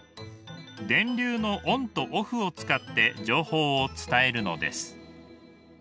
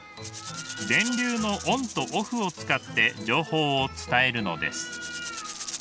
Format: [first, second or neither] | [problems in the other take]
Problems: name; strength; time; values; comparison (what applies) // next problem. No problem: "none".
first | background sound (Rattle (instrument) + Cat); 11 dB below the speech